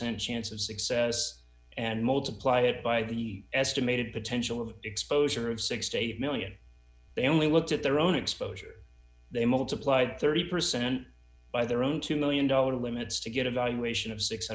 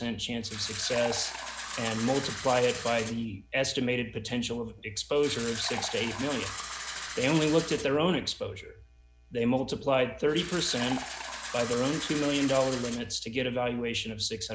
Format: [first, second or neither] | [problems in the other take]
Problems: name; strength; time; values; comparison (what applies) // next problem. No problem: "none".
first | background sound (Fill (with liquid)); 9 dB below the speech